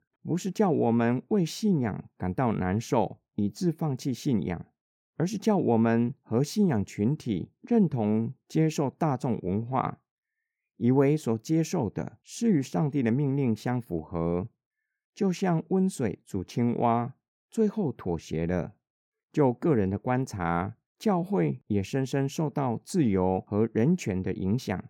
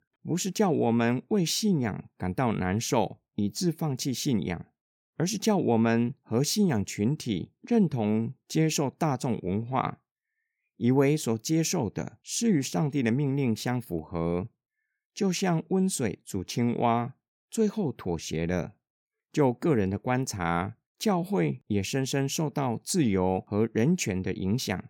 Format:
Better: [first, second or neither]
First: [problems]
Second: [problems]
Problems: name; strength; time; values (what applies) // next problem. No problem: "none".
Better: second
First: muffled; slightly; fading above 2 kHz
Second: none